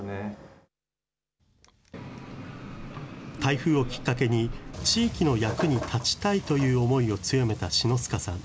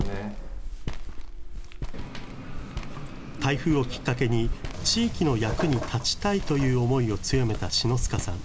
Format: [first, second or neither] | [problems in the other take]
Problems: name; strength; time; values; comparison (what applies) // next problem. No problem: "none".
first | background sound (Walk, footsteps); 5 dB below the speech